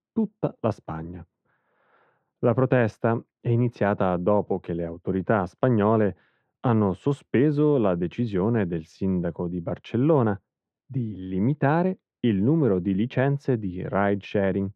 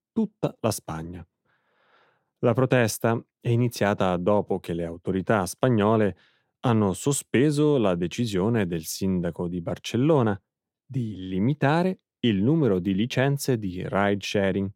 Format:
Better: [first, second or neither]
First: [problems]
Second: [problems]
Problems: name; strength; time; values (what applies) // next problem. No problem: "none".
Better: second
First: muffled; very; fading above 2 kHz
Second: none